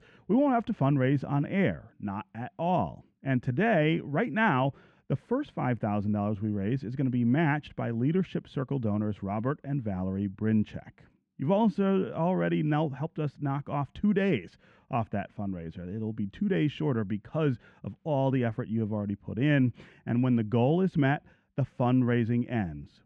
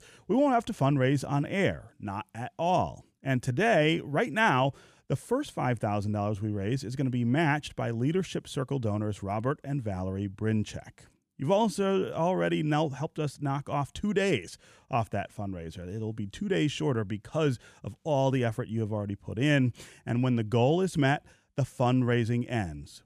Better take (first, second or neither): second